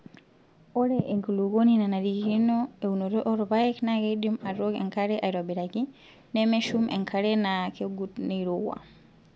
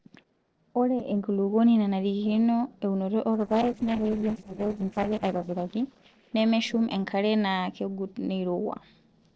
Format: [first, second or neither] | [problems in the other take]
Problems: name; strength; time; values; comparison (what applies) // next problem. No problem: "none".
first | noise reduction (neural separator model SepFormer DNS4)